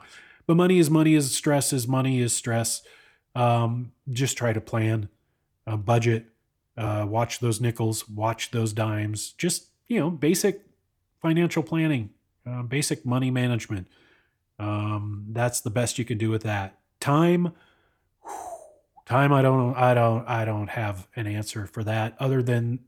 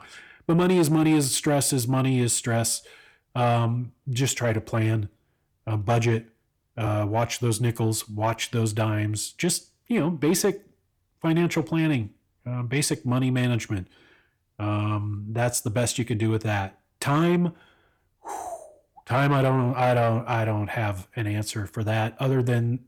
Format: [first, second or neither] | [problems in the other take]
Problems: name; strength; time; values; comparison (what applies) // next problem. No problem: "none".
first | distortion; slight; 10 dB below the speech